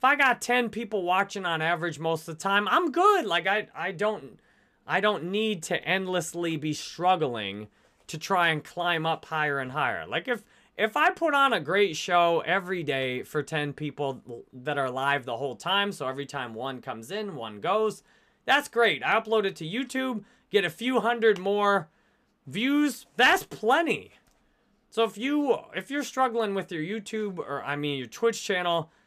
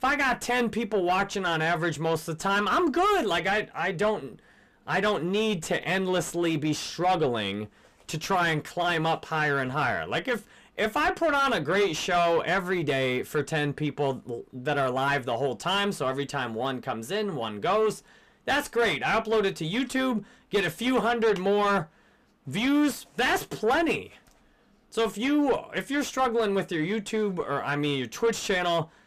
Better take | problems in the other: first | distortion; heavy; 7 dB below the speech

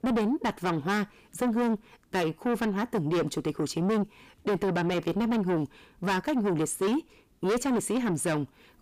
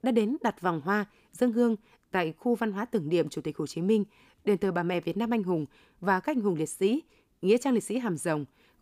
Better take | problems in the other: second | distortion; heavy; 6 dB below the speech

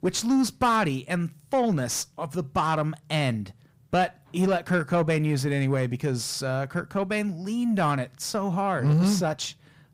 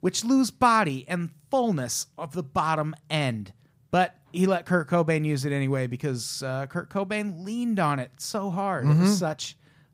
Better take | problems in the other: second | distortion; slight; 10 dB below the speech

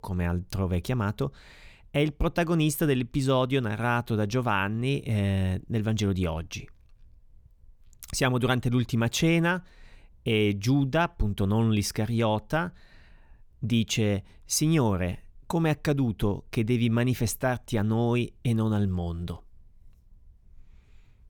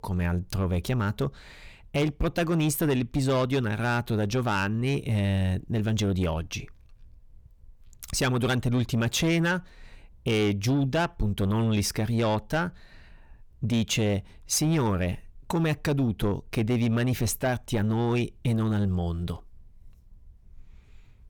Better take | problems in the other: first | distortion; slight; 10 dB below the speech

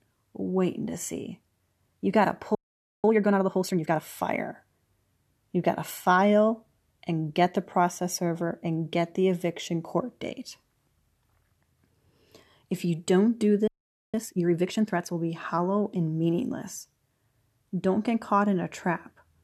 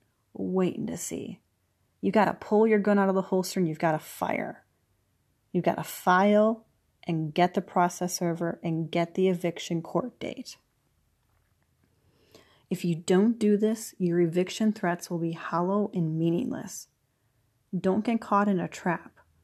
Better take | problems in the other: second | audio freezing; at 2.5 s and at 14 s

